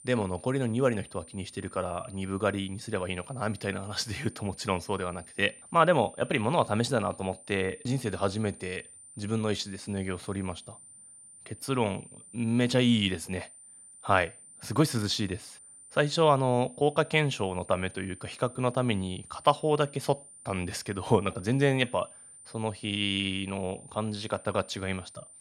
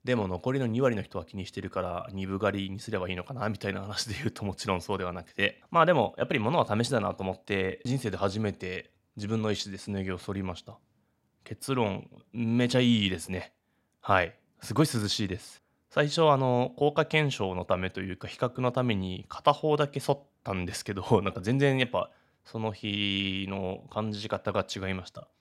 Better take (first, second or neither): second